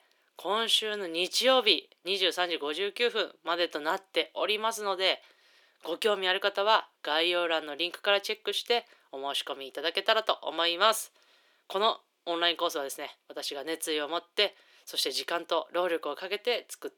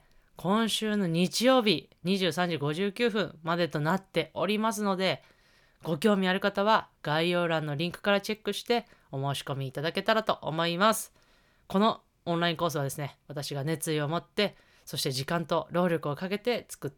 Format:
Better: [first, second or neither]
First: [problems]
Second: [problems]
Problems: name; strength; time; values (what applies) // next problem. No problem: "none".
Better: second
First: thin; very; fading below 300 Hz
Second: none